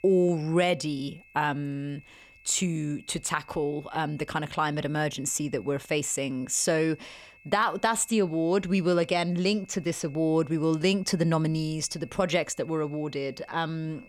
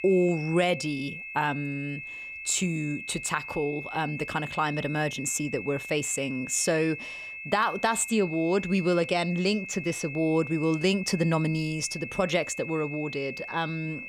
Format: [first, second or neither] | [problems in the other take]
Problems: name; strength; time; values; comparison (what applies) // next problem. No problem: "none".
first | high-pitched whine; loud; throughout; 2.5 kHz, 9 dB below the speech; faint in the first